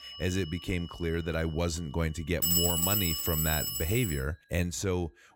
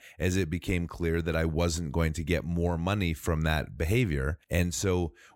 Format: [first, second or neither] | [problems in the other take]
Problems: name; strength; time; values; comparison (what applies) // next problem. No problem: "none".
second | alarms or sirens; very loud; throughout; 4 dB above the speech